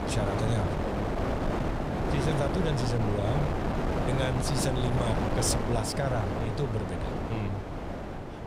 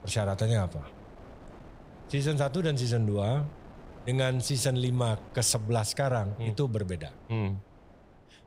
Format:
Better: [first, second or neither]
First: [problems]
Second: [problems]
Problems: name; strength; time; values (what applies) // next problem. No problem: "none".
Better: second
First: wind noise on the microphone; heavy; 2 dB above the speech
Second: wind noise on the microphone; occasional gusts; 20 dB below the speech